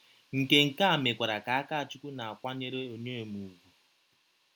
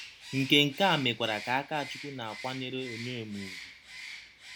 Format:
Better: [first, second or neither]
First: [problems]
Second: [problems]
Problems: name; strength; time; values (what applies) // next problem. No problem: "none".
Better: first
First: none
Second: background sound (Bird); 13 dB below the speech